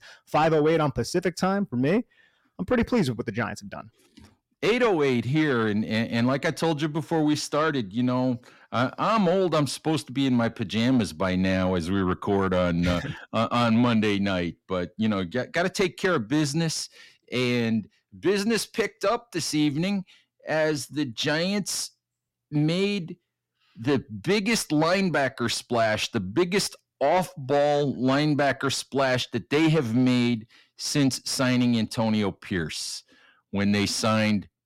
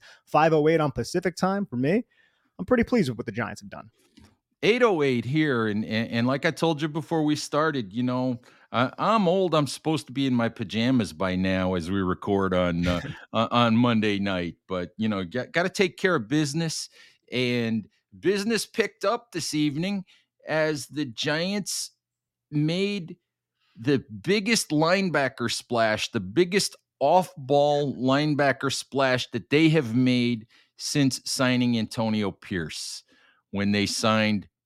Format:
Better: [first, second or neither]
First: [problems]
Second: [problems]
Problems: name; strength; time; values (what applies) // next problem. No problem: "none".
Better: second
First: distortion; slight; 10 dB below the speech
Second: none